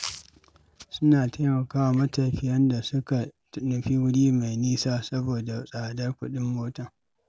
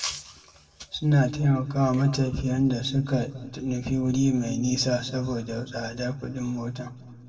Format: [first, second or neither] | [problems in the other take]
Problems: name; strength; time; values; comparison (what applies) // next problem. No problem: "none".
first | room echo; dies away in 1.5 s